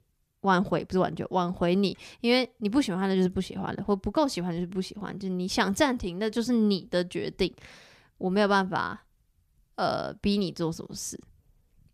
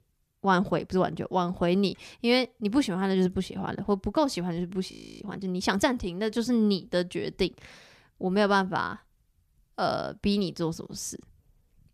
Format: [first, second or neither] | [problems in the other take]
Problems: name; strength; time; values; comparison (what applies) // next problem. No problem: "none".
first | audio freezing; at 5 s